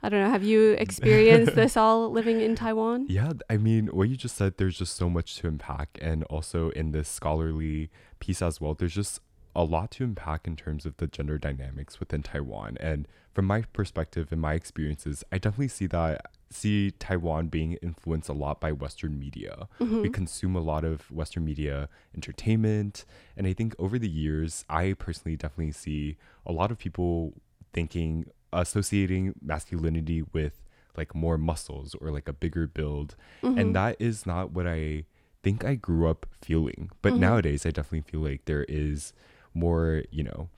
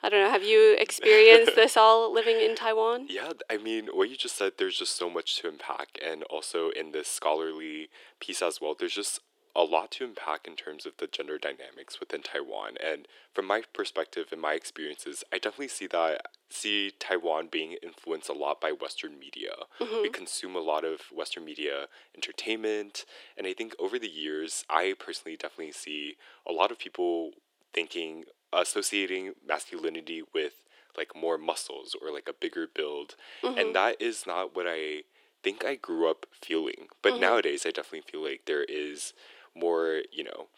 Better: first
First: none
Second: thin; very; fading below 350 Hz

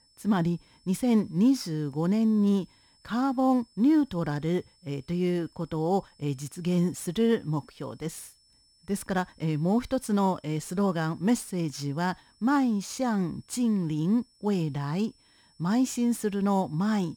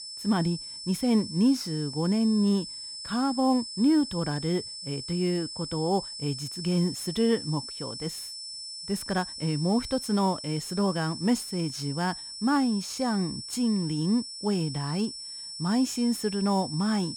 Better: first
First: high-pitched whine; faint; throughout; 5.5 kHz, 35 dB below the speech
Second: high-pitched whine; loud; throughout; 5.5 kHz, 8 dB below the speech

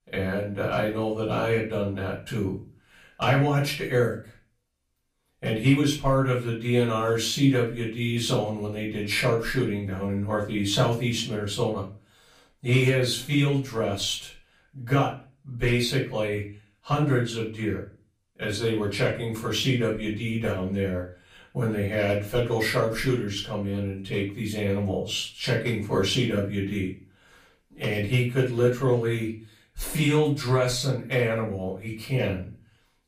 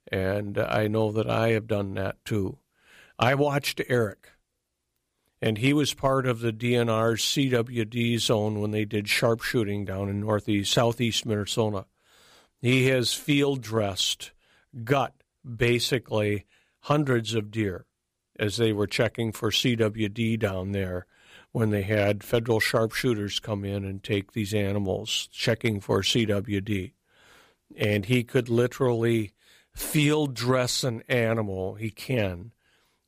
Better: second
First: off-mic speech; far // room echo; slight; dies away in 0.3 s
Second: none

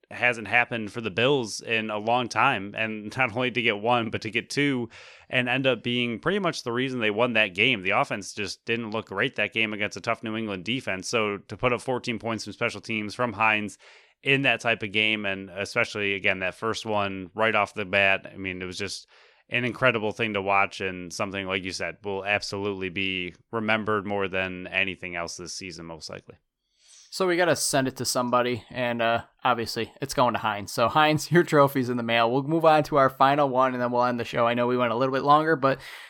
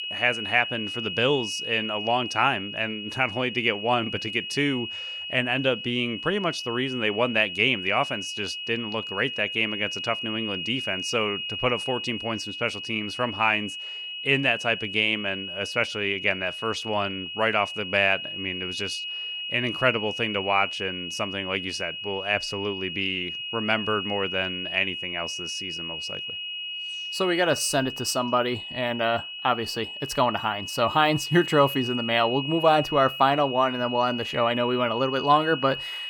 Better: first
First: none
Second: high-pitched whine; loud; throughout; 3 kHz, 6 dB below the speech

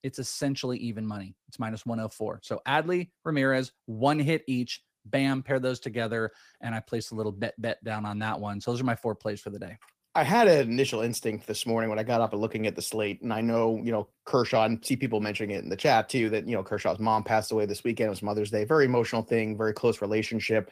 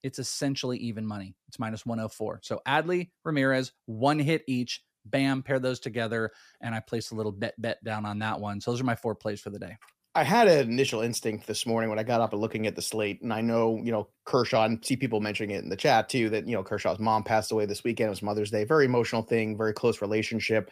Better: second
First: garbled, watery; slightly; nothing above 15 kHz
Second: none

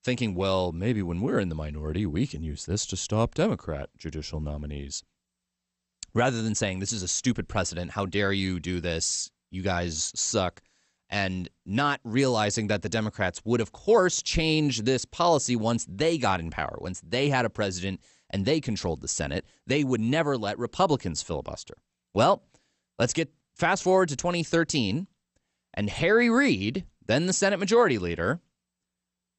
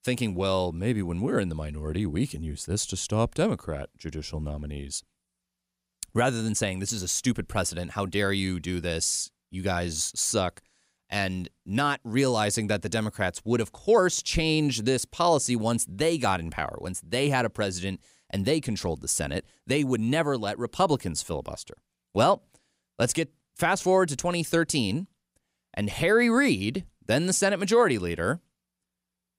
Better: second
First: garbled, watery; slightly; nothing above 8 kHz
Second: none

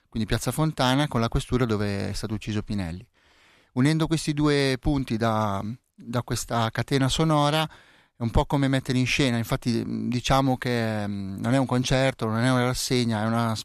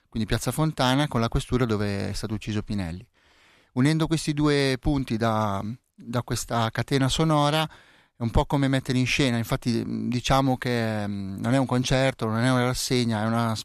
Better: neither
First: none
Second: none

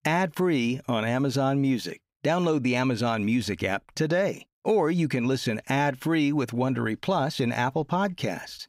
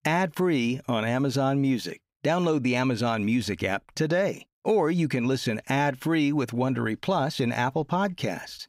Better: neither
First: none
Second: none

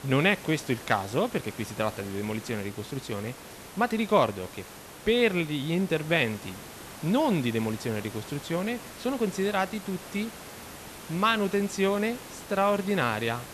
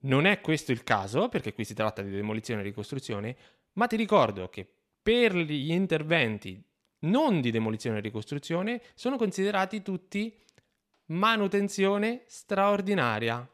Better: second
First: hiss; noticeable; throughout; 15 dB below the speech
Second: none

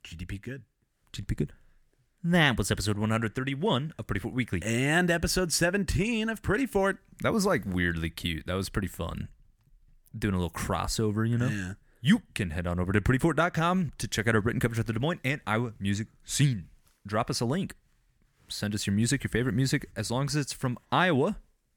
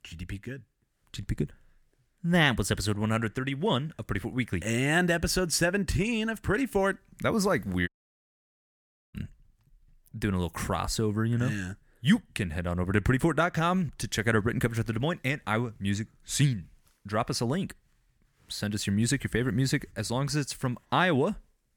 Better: first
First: none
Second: audio cutting out; at 8 s for 1.5 s

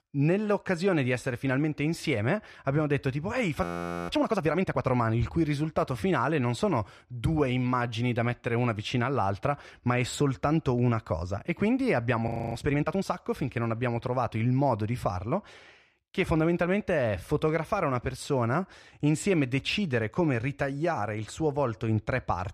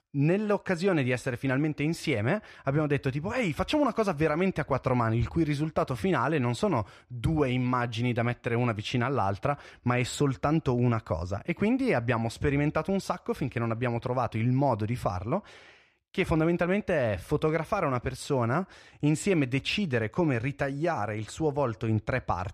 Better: second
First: audio freezing; at 3.5 s and at 12 s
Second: none

